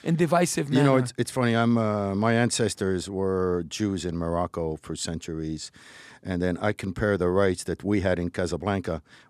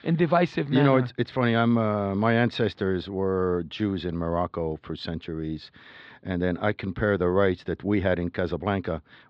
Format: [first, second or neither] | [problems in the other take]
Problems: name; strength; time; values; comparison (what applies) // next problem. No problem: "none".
first | muffled; slightly; fading above 4 kHz